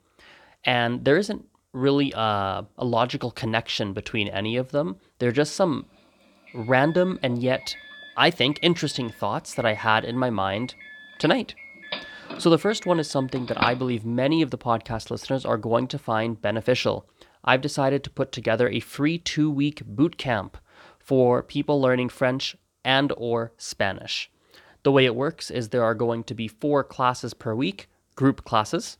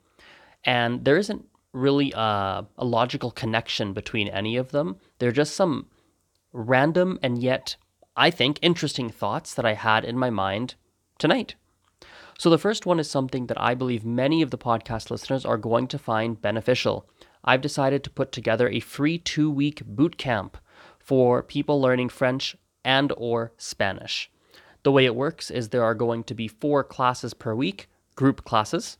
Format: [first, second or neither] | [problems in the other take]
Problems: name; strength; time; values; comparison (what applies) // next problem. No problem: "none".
second | doorbell; noticeable; from 11 to 14 s; peak 4 dB below the speech